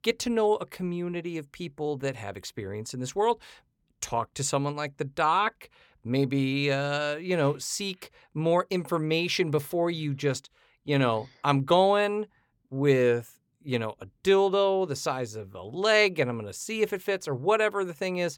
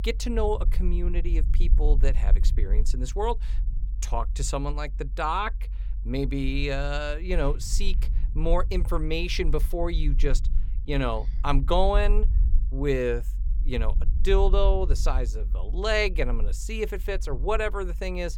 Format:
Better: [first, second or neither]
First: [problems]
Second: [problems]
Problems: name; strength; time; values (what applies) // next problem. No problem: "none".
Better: first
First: none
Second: low rumble; faint; throughout; 20 dB below the speech